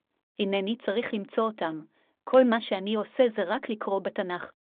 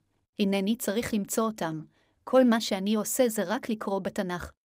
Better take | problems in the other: second | phone-call audio

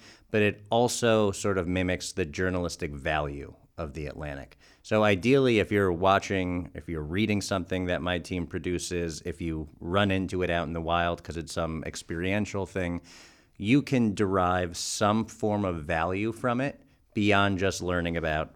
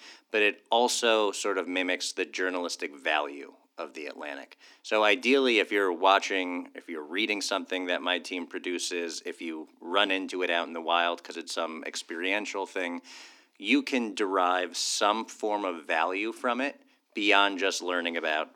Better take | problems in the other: first | thin; very slightly; fading below 250 Hz

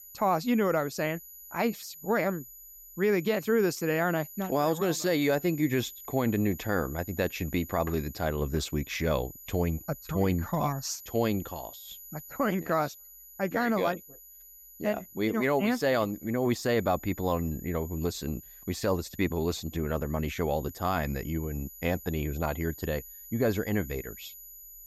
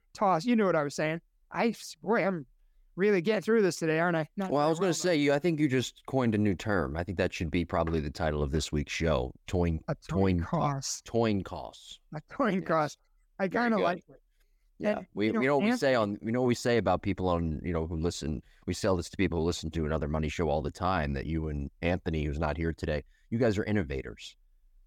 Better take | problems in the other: second | high-pitched whine; noticeable; throughout; 12 kHz, 15 dB below the speech

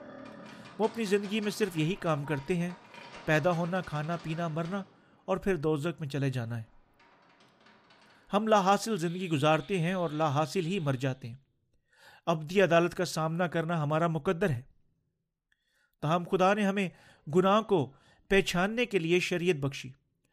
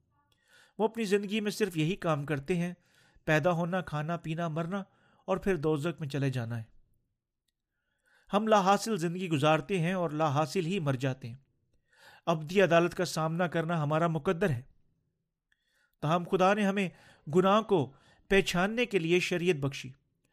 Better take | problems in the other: second | animal sounds; faint; until 11 s; 20 dB below the speech

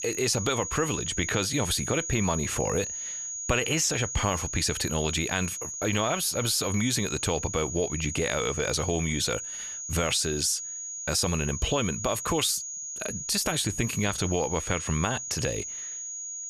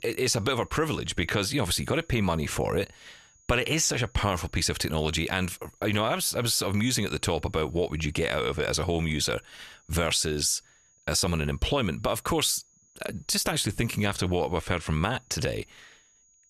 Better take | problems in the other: second | high-pitched whine; loud; throughout; 6.5 kHz, 5 dB below the speech; faint in the second

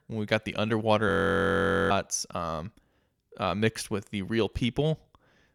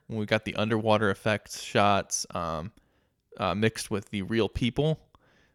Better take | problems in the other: second | audio freezing; at 1 s for 1 s

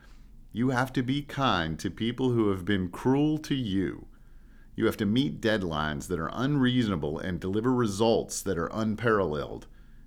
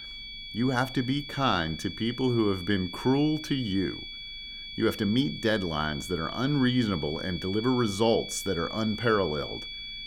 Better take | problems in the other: first | high-pitched whine; loud; throughout; 3.5 kHz, 9 dB below the speech

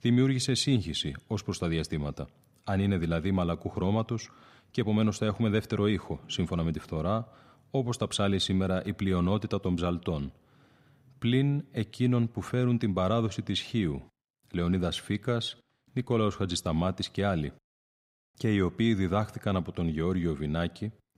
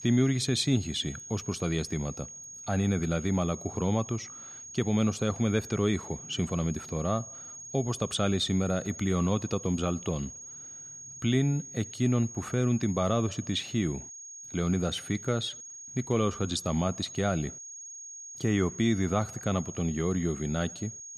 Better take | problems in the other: first | high-pitched whine; noticeable; throughout; 6.5 kHz, 10 dB below the speech

